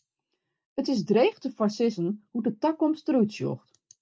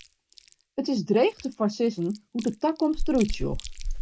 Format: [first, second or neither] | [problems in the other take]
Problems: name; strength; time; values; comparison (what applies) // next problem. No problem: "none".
first | background sound (Chewing, mastication); 7 dB below the speech